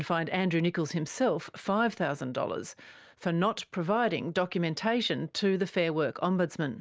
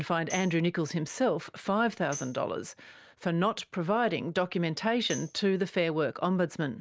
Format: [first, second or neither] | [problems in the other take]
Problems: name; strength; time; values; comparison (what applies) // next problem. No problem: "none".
first | background sound (Tambourine); 19 dB below the speech